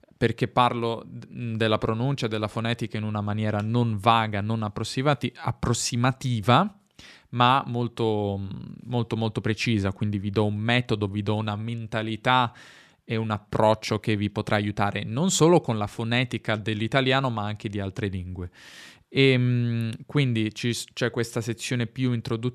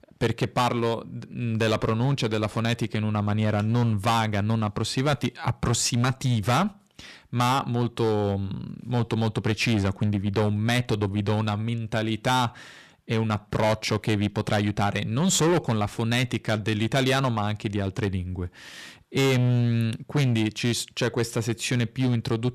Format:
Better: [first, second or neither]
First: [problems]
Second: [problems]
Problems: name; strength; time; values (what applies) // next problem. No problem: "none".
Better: first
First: none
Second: distortion; heavy; 10% of the sound clipped